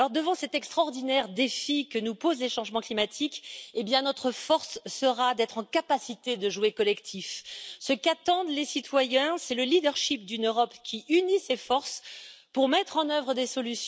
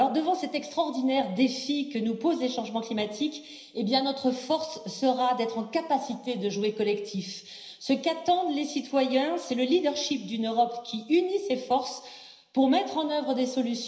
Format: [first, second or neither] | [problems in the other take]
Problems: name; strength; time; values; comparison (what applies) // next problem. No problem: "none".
first | room echo; dies away in 0.9 s